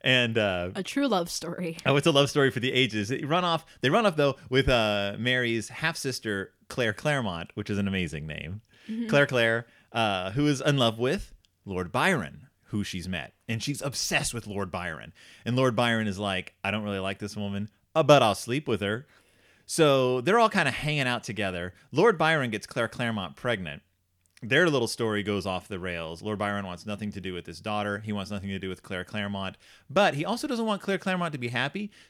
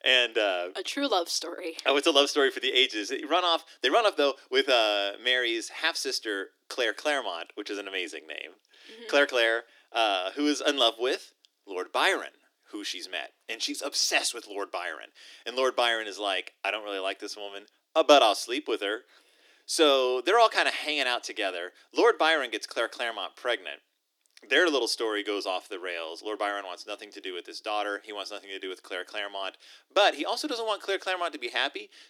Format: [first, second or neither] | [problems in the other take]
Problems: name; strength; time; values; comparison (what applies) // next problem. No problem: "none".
first | thin; somewhat; fading below 300 Hz